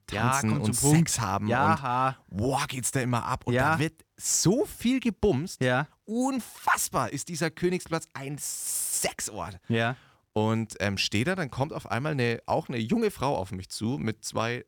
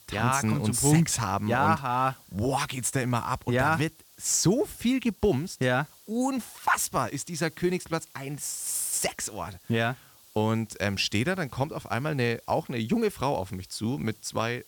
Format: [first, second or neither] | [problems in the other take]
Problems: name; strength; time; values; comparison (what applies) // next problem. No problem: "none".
first | hiss; faint; throughout; 25 dB below the speech